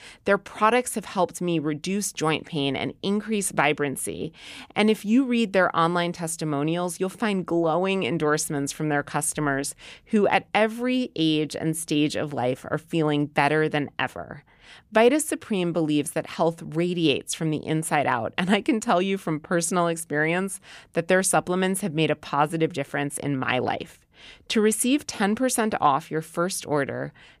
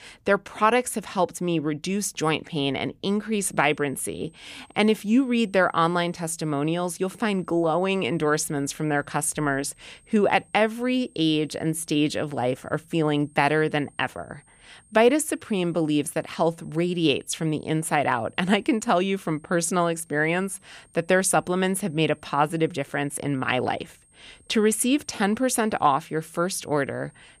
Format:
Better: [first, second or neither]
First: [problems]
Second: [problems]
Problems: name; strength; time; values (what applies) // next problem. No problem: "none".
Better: first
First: none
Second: high-pitched whine; faint; from 3.5 s on; 8.5 kHz, 35 dB below the speech